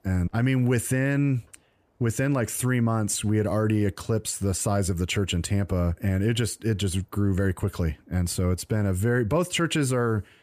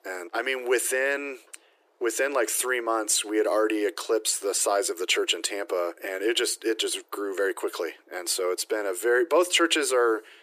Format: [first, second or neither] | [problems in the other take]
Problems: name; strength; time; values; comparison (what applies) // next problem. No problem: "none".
first | thin; very; fading below 350 Hz